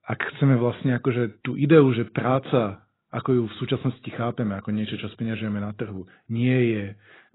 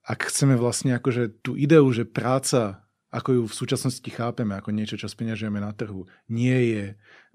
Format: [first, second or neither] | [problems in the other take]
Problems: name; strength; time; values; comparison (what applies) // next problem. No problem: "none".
second | garbled, watery; badly; nothing above 4 kHz